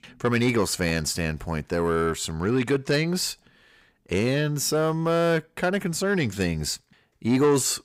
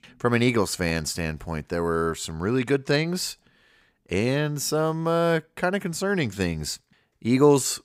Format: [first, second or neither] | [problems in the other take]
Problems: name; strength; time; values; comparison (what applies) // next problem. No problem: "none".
second | distortion; slight; 10 dB below the speech